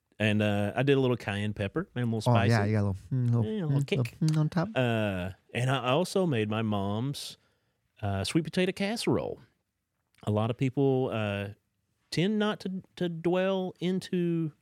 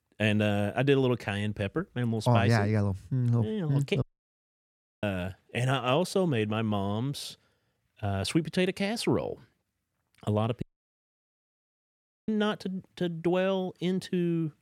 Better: first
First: none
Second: audio cutting out; at 4 s for 1 s and at 11 s for 1.5 s

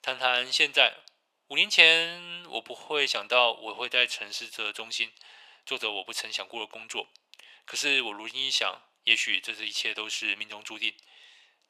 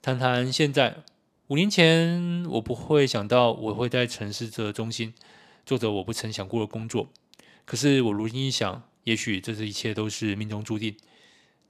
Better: second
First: thin; very; fading below 800 Hz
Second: none

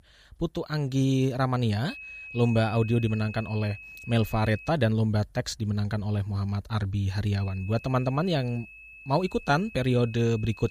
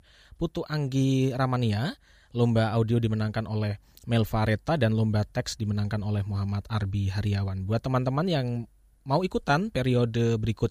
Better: second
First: high-pitched whine; noticeable; from 2 to 4.5 s and from 7.5 s on; 2.5 kHz, 15 dB below the speech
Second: none

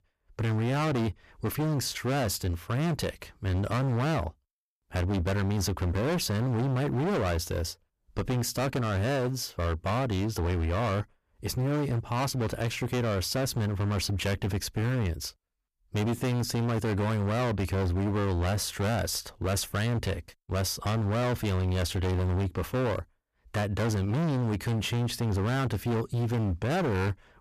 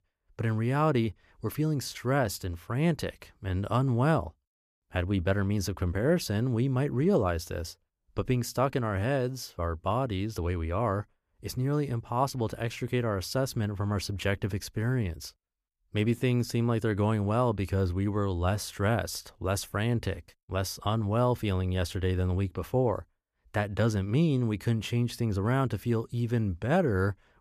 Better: second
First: distortion; heavy; 33% of the sound clipped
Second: none

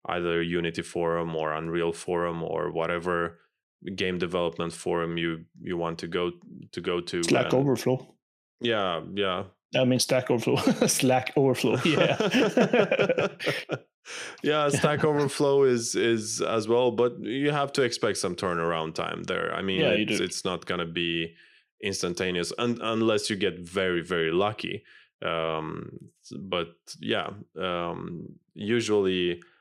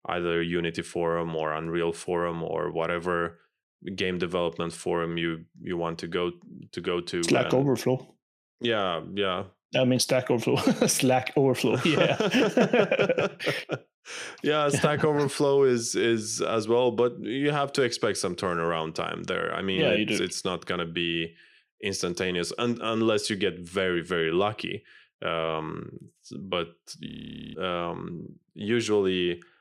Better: first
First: none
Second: audio freezing; at 27 s

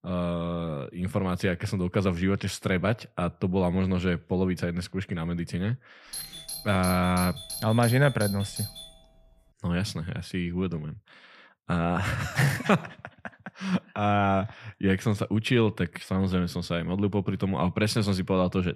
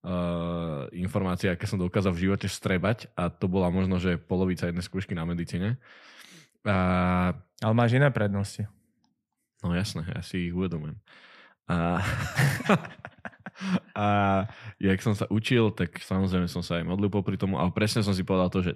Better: second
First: doorbell; noticeable; from 6 to 9 s; peak 7 dB below the speech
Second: none

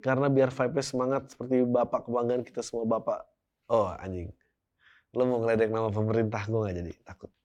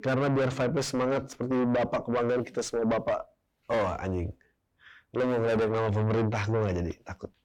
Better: first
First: none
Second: distortion; heavy; 6 dB below the speech

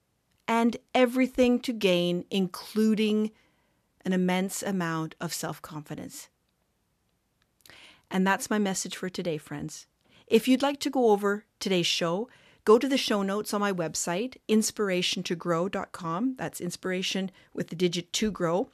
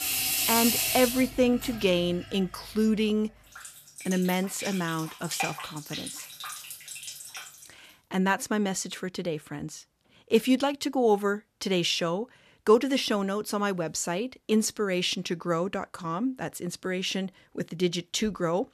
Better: first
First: none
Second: household noises; loud; until 7.5 s; 3 dB below the speech

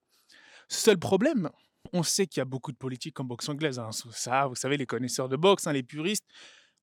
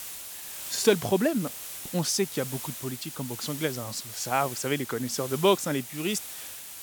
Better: first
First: none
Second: hiss; loud; throughout; 8 dB below the speech

